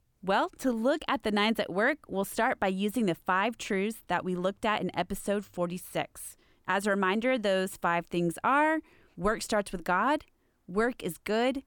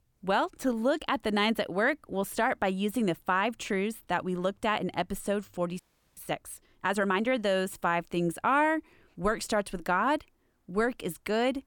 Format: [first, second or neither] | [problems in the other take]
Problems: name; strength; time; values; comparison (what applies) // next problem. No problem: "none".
first | audio freezing; at 6 s